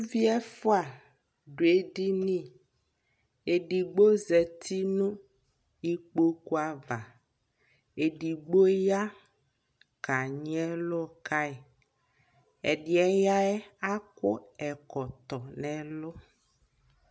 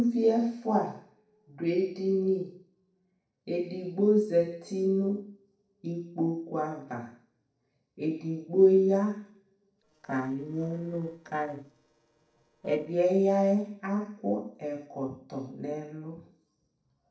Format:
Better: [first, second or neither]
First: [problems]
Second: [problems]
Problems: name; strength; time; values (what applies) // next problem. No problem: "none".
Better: first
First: none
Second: noise reduction (neural separator model SepFormer DNS4)